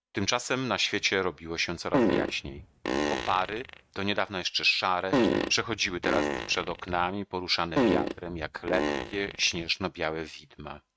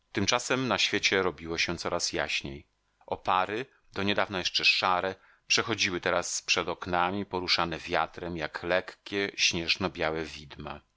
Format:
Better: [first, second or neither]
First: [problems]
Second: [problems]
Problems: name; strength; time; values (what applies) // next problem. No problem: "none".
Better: second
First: noise reduction (neural mask model RNNoise)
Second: none